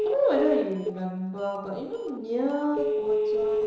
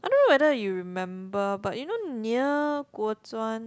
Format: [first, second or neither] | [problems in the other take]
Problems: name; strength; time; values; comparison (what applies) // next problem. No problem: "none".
second | noise reduction (neural separator model SepFormer DNS4)